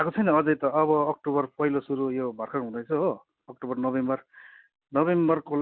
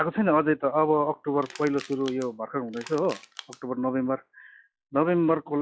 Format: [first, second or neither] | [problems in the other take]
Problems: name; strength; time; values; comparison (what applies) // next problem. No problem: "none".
first | noise reduction (classical method log-MMSE)